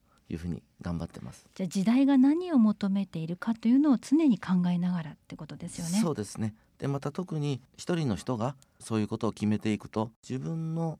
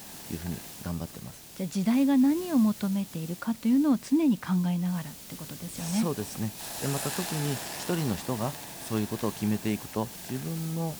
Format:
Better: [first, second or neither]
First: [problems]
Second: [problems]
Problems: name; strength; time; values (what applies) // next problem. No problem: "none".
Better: first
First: none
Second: hiss; loud; throughout; 10 dB below the speech